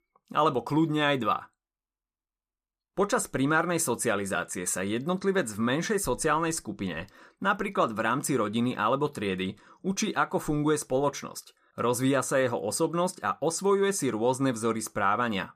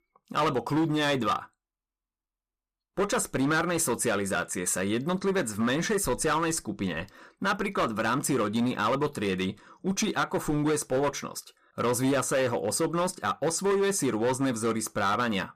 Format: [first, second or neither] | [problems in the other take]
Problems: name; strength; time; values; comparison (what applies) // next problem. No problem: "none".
first | distortion; slight; 10% of the sound clipped